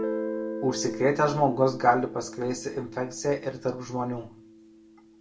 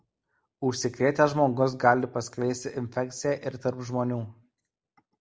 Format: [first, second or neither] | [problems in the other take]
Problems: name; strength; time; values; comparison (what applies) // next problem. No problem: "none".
second | background sound (Guitar); 9 dB below the speech // room echo; dies away in 0.2 s